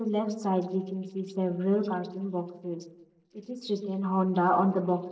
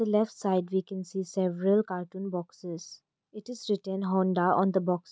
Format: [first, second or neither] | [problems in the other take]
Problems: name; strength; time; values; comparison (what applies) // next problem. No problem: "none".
second | noise reduction (neural separator model SepFormer DNS4)